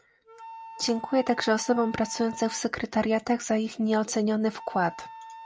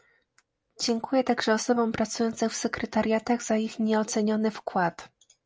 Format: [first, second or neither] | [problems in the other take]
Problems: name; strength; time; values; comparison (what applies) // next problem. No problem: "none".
second | background sound (Wind instrument, woodwind instrument); 17 dB below the speech